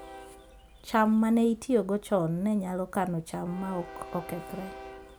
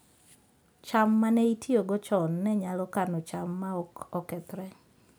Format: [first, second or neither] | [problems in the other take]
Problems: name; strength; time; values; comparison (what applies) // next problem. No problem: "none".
second | background sound (Train); 18 dB below the speech